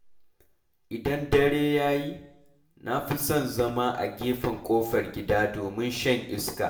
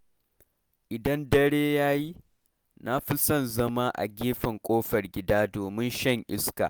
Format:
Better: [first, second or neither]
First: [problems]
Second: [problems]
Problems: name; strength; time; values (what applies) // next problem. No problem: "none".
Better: second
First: room echo; dies away in 0.6 s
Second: none